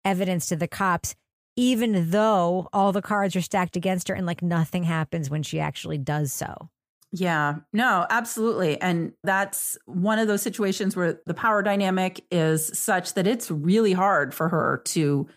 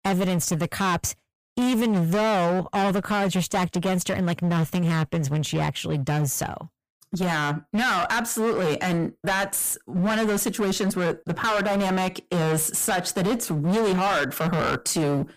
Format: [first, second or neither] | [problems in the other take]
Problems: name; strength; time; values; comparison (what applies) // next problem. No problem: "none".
first | distortion; heavy; 24% of the sound clipped